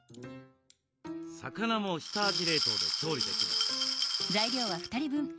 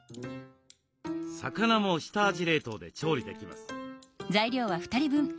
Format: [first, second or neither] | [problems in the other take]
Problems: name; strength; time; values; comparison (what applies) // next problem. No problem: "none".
second | background sound (Glass); 3 dB above the speech